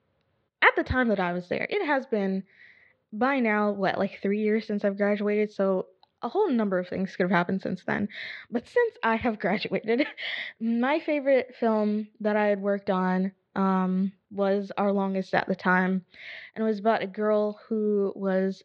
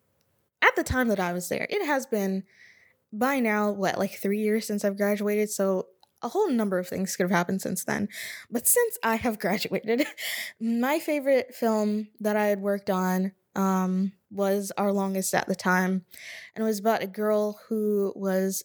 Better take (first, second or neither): second